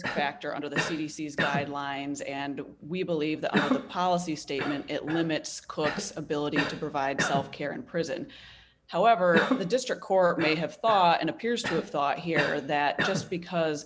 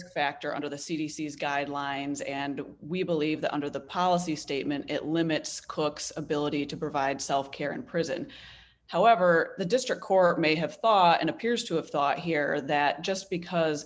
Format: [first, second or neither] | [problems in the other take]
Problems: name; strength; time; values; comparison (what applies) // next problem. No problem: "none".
second | background sound (Cough); 6 dB below the speech